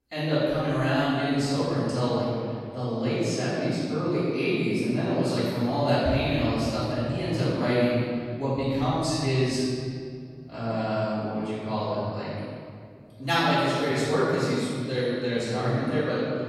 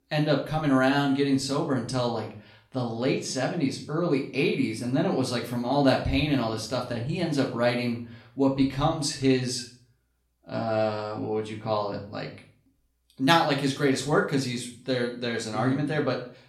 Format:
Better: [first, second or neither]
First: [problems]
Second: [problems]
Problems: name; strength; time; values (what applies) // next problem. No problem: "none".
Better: second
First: room echo; strong; dies away in 2.2 s // off-mic speech; far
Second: room echo; slight; dies away in 0.4 s // off-mic speech; far